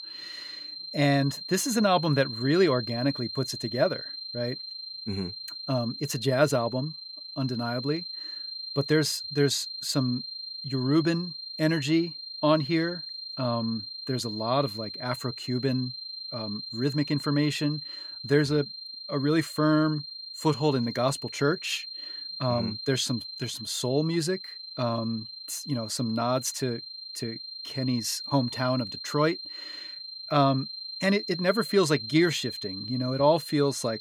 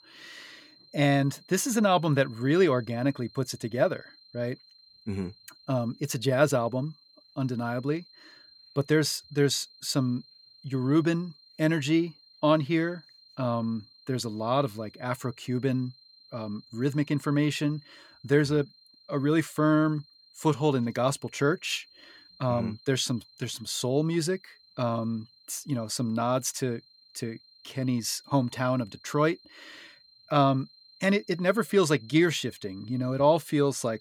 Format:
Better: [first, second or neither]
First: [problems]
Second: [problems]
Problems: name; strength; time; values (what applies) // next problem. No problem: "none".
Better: second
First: high-pitched whine; loud; throughout; 4 kHz, 8 dB below the speech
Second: high-pitched whine; faint; throughout; 4 kHz, 25 dB below the speech